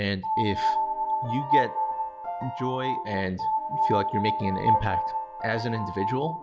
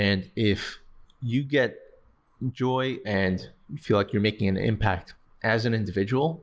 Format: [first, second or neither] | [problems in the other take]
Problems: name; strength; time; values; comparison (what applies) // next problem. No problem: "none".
second | background sound (Piano); 3 dB above the speech